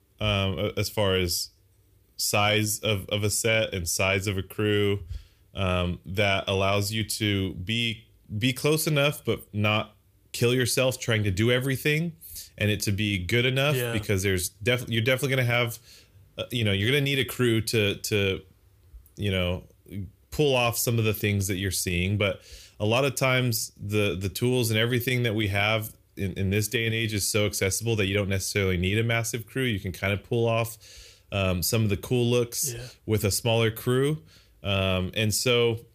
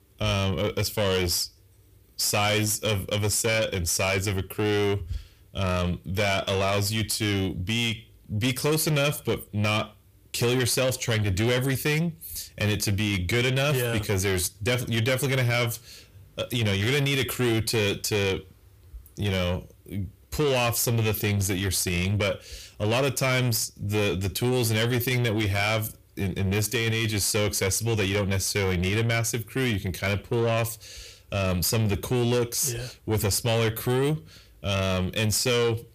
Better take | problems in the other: first | distortion; slight; 9 dB below the speech

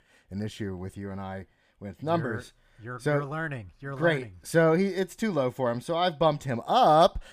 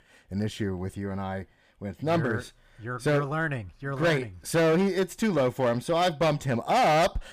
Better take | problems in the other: first | distortion; heavy; 10% of the sound clipped

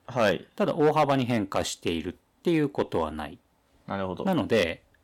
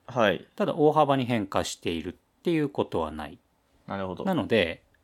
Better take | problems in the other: second | distortion; slight; 2% of the sound clipped

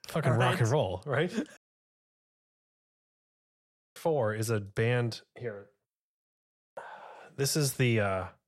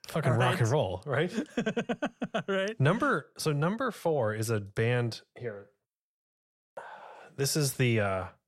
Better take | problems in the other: second | audio cutting out; at 1.5 s for 2.5 s

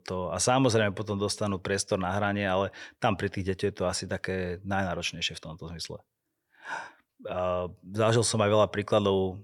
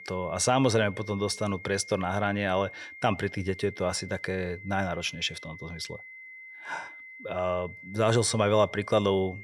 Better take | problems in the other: first | high-pitched whine; noticeable; throughout; 2 kHz, 15 dB below the speech

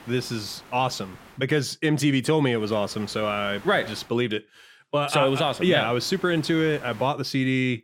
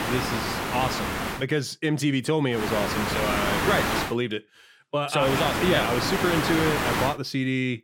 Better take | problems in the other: first | hiss; loud; until 1.5 s, from 2.5 to 4 s and from 5 to 7 s; as loud as the speech; faint in the first

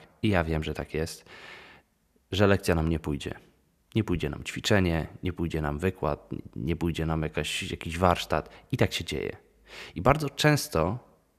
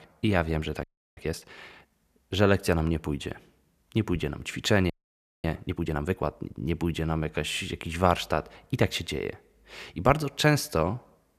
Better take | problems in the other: first | audio freezing; at 1 s and at 5 s for 0.5 s

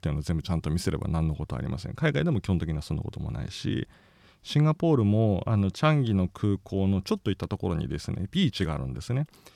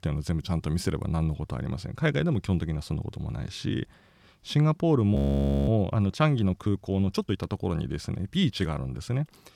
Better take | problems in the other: first | audio freezing; at 5 s for 0.5 s

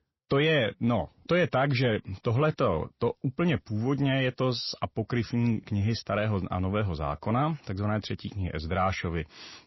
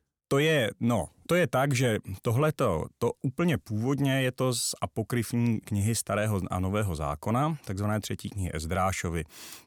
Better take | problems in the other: second | garbled, watery; slightly; nothing above 5.5 kHz

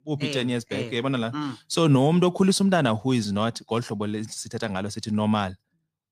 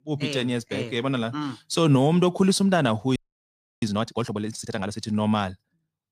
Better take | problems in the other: first | audio freezing; at 3 s for 0.5 s

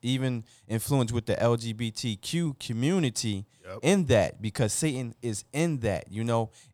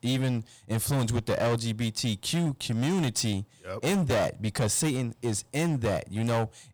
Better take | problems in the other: first | distortion; heavy; 18% of the sound clipped

